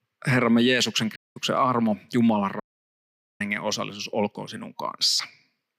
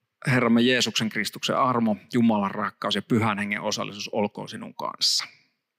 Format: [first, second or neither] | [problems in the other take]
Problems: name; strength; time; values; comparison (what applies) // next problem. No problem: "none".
second | audio cutting out; at 1 s and at 2.5 s for 1 s